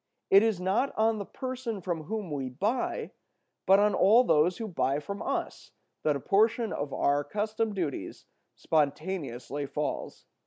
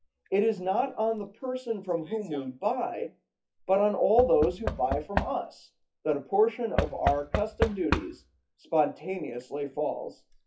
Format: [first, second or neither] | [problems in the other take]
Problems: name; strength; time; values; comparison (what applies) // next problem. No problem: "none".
first | noise reduction (classical method WPE with log-MMSE)